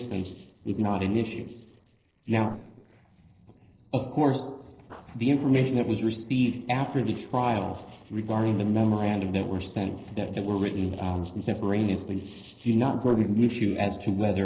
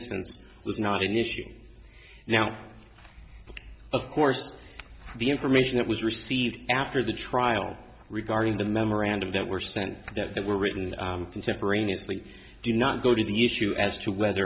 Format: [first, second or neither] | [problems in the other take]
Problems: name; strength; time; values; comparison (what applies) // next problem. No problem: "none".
second | noise reduction (neural separator model SepFormer DNS4)